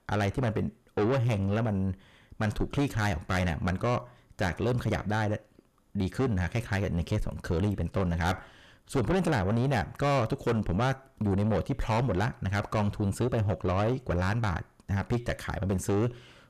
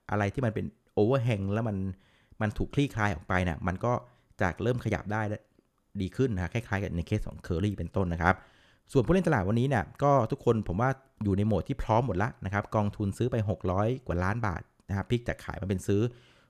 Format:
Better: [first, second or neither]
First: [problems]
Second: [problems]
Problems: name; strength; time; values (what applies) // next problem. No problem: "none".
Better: second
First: distortion; heavy; 6 dB below the speech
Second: none